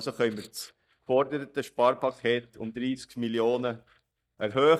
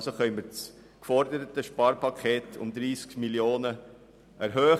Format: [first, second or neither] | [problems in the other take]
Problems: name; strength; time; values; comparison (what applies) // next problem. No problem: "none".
second | noise reduction (neural mask model DeepFilterNet 3)